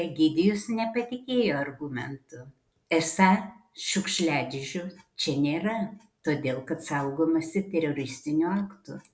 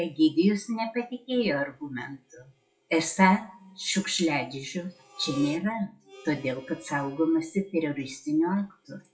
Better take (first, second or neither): first